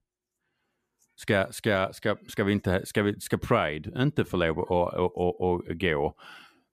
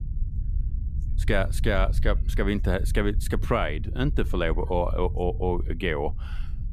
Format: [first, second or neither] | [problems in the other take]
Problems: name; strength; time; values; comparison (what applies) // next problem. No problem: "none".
first | low rumble; faint; throughout; 20 dB below the speech